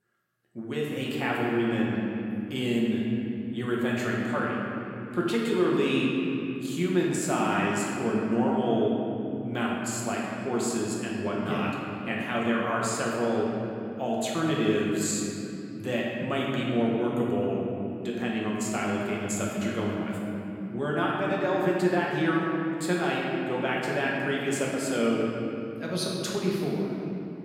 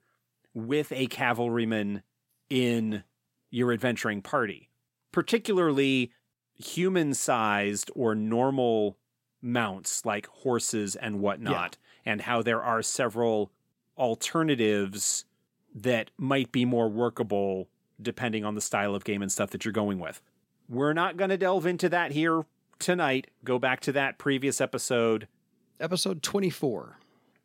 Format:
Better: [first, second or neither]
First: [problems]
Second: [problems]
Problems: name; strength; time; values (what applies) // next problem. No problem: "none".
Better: second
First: room echo; noticeable; dies away in 3 s // off-mic speech; far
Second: none